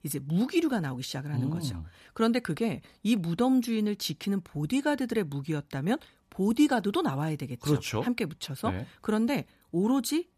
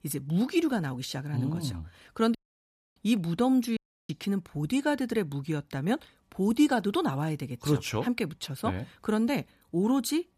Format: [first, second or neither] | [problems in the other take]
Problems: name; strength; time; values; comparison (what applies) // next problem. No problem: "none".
first | audio cutting out; at 2.5 s for 0.5 s and at 4 s